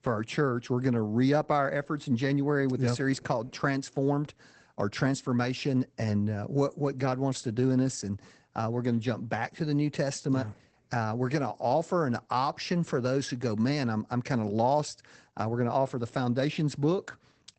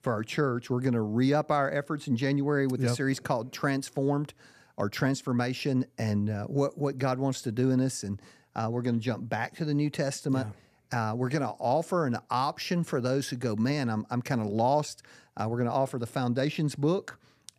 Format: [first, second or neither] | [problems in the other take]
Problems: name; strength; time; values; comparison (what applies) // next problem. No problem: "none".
second | garbled, watery; badly; nothing above 8 kHz